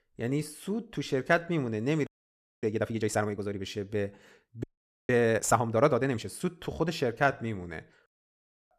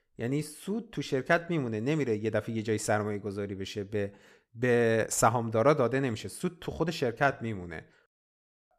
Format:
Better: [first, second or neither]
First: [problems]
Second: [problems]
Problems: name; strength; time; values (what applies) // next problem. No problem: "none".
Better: second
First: audio freezing; at 2 s for 0.5 s and at 4.5 s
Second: none